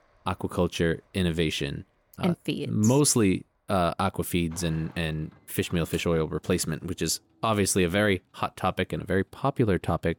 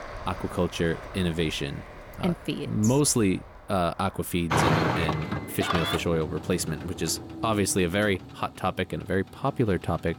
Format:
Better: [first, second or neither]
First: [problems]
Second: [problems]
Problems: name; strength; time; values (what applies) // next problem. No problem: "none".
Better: first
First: traffic noise; faint; throughout; 30 dB below the speech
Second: traffic noise; loud; throughout; 4 dB below the speech